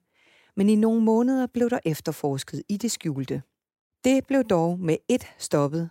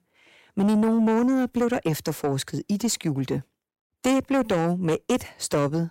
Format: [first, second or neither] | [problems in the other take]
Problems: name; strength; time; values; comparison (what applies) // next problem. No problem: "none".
first | distortion; slight; 10 dB below the speech